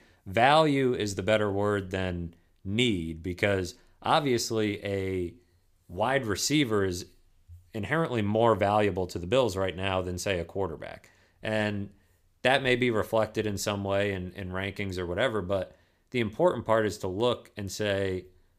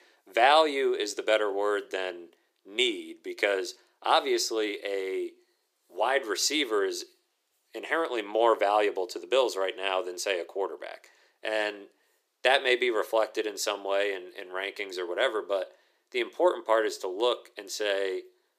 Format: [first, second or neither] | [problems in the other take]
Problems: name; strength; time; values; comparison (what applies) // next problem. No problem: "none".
first | thin; very; fading below 350 Hz